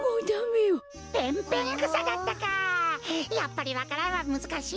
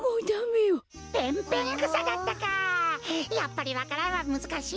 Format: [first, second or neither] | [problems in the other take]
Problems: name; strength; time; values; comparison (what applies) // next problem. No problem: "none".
second | background sound (Piano); 19 dB below the speech